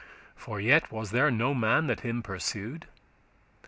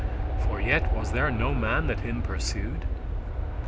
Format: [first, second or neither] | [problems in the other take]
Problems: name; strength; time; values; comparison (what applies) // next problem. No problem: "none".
first | background sound (Aircraft); 4 dB above the speech